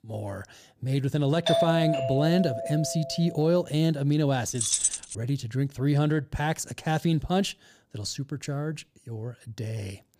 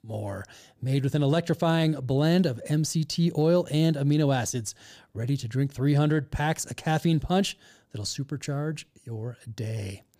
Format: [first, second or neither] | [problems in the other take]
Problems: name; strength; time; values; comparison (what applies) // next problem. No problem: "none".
second | doorbell; loud; from 1.5 to 3 s; peak 3 dB above the speech // jangling keys; loud; at 4.5 s; peak 4 dB above the speech